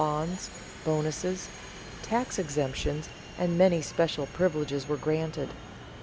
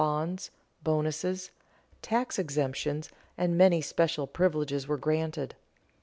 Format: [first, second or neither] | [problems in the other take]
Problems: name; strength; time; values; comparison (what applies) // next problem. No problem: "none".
second | background sound (Subway, metro, underground); 12 dB below the speech